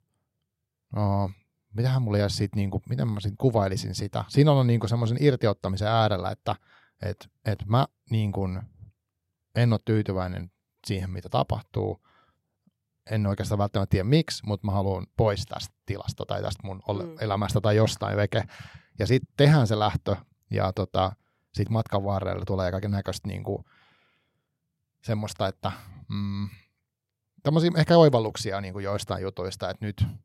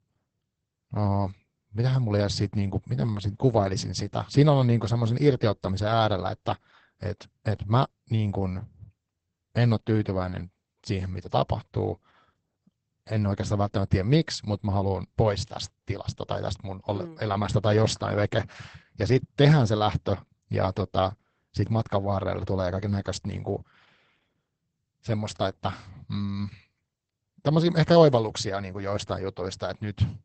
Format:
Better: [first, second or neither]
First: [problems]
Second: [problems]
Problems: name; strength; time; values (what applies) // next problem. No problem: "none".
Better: first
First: none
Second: garbled, watery; badly; nothing above 8 kHz